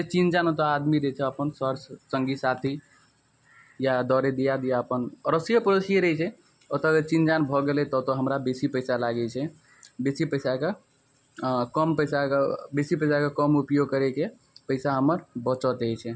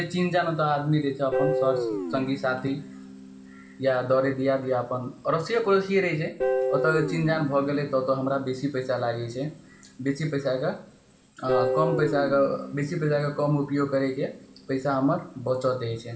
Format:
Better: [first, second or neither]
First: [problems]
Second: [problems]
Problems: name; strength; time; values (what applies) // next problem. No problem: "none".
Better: first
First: none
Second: background sound (Guitar); 7 dB below the speech // room echo; dies away in 0.6 s